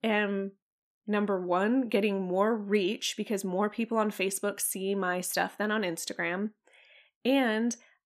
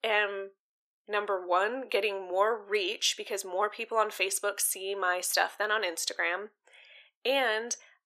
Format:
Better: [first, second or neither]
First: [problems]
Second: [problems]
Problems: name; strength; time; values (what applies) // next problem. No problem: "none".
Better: first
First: none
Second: thin; very; fading below 400 Hz